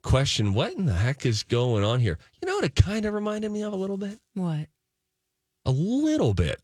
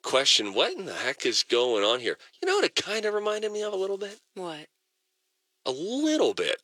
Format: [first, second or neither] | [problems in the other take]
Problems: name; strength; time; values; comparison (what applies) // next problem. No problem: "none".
first | thin; very; fading below 350 Hz